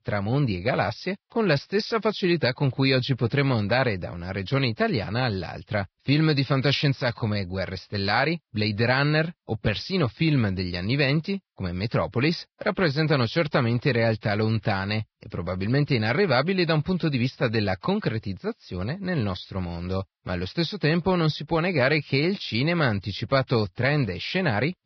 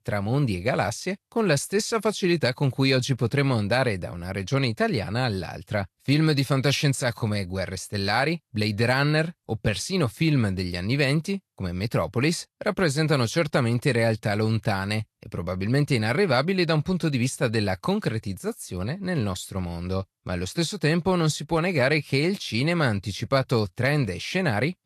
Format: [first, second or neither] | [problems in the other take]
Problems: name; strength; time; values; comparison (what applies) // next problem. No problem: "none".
second | garbled, watery; badly; nothing above 5 kHz; slightly in the second